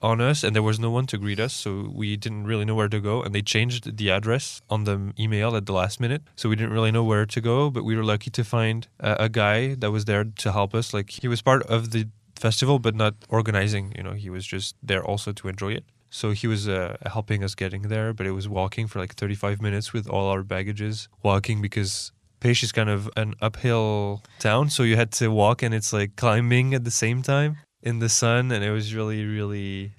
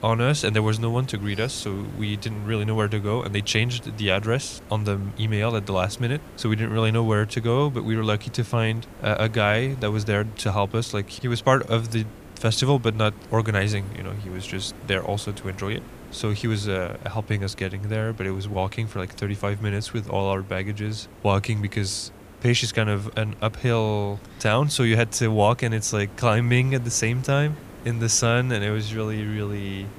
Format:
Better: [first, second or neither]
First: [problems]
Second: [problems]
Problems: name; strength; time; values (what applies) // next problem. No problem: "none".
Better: first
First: none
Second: hiss; noticeable; throughout; 20 dB below the speech